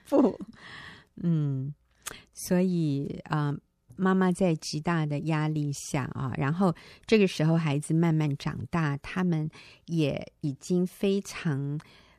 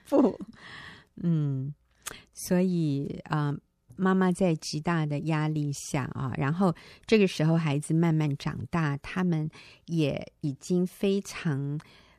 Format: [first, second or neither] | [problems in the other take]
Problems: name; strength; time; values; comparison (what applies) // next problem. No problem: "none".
neither | none